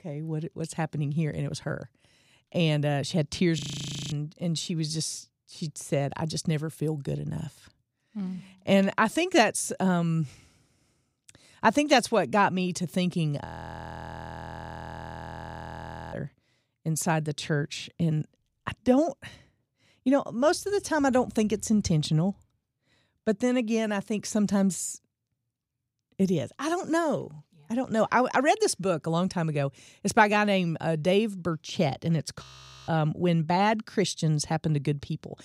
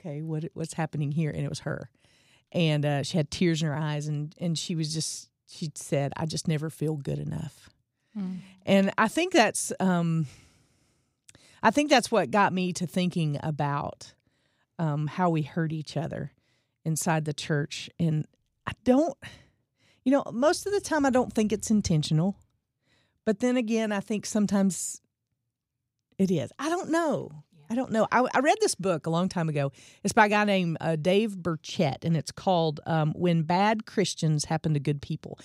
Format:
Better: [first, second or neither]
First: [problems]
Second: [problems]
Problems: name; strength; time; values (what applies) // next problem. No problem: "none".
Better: second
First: audio freezing; at 3.5 s for 0.5 s, at 13 s for 2.5 s and at 32 s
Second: none